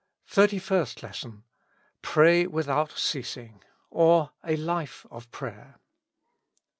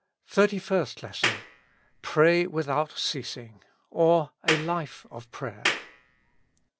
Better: first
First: none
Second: background sound (Clapping); 4 dB below the speech

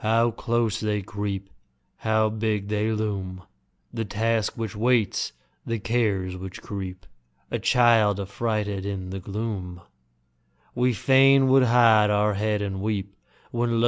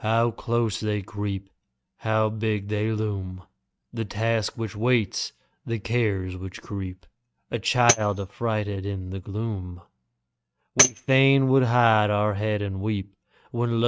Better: first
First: none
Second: noise reduction (neural mask model RNNoise)

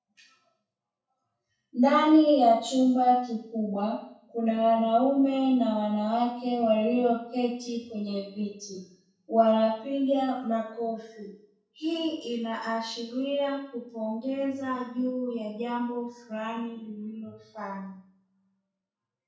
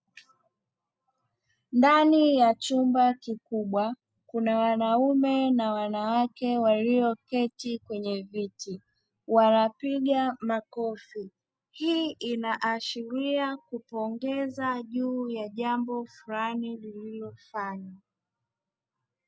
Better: second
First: room echo; dies away in 0.6 s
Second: none

